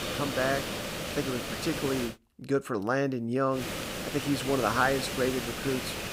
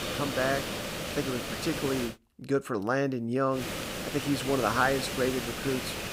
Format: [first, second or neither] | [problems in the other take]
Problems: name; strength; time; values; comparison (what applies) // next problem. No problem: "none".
neither | hiss; loud; until 2 s and from 3.5 s on; 4 dB below the speech; the same in both